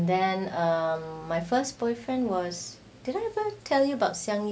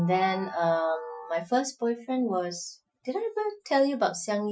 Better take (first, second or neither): first